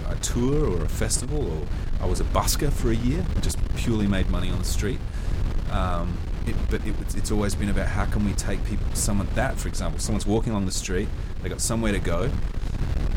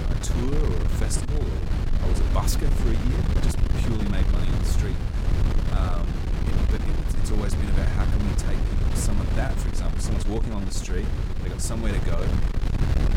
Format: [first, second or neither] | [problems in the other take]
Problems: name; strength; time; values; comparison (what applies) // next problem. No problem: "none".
first | wind noise on the microphone; heavy; as loud as the speech; occasional gusts in the first